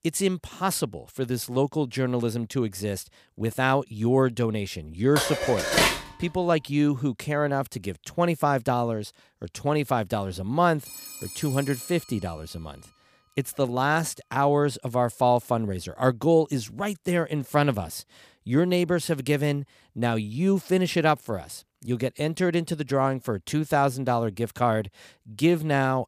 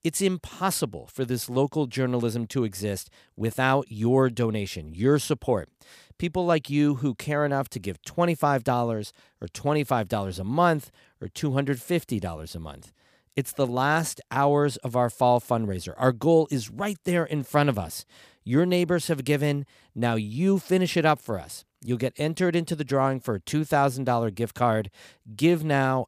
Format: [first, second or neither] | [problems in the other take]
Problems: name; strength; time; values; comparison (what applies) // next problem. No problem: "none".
second | clattering dishes; loud; at 5 s; peak 5 dB above the speech // phone ringing; faint; from 11 to 12 s; peak 10 dB below the speech